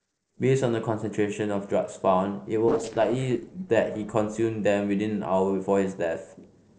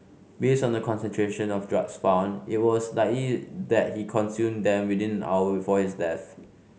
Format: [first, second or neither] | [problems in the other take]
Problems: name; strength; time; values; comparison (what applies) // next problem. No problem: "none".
second | noise reduction (neural separator model SepFormer DNS4)